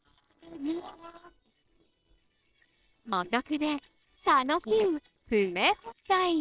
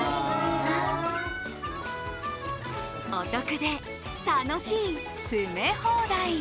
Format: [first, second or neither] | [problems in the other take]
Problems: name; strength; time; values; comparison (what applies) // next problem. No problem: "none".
second | noise reduction (neural separator model SepFormer WHAMR!)